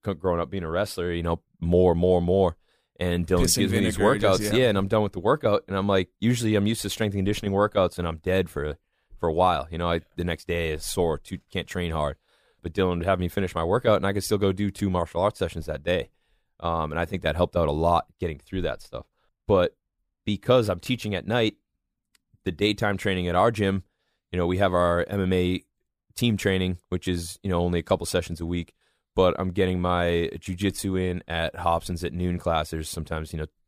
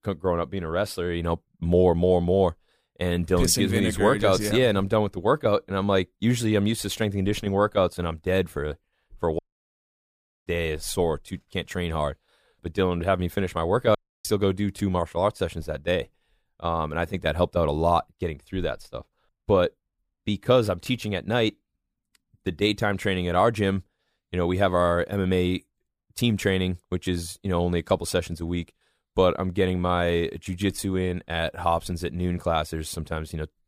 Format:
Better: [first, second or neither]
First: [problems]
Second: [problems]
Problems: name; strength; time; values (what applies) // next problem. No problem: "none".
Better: first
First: none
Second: audio cutting out; at 9.5 s for 1 s and at 14 s